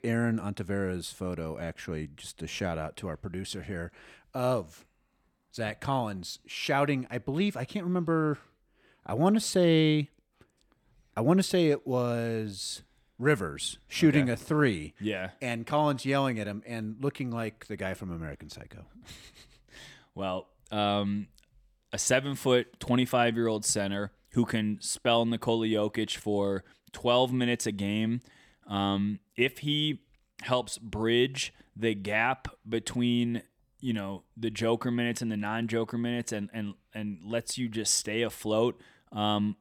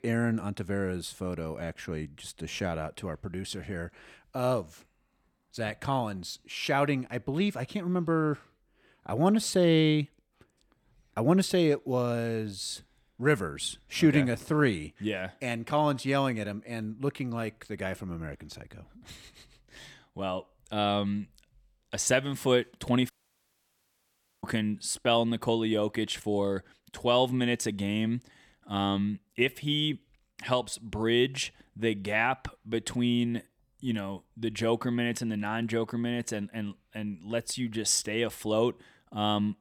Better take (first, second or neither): first